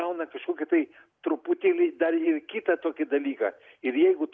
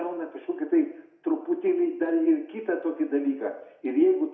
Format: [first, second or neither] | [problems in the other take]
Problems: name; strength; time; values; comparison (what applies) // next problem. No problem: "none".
first | room echo; dies away in 0.6 s